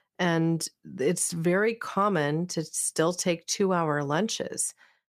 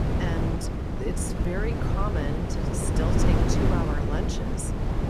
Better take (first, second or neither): first